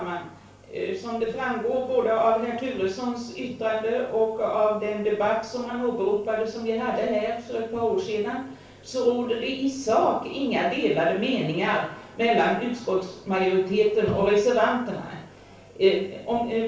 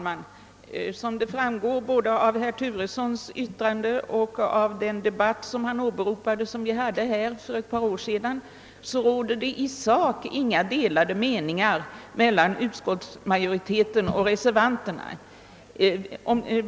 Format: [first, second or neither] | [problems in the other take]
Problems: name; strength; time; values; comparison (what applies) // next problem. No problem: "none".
second | room echo; dies away in 0.4 s